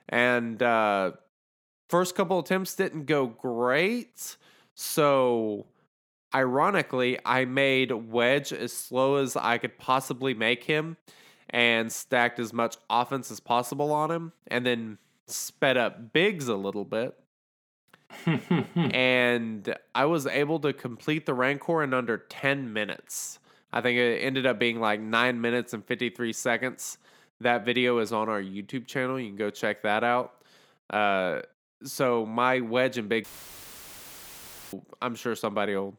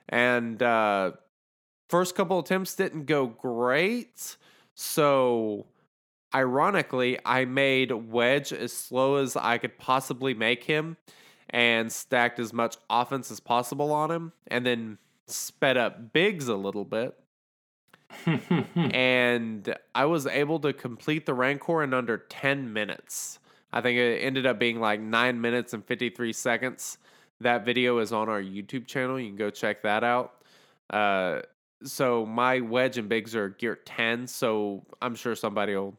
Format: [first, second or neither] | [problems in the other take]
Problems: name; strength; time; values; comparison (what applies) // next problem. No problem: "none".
second | audio cutting out; filled with static; at 33 s for 1.5 s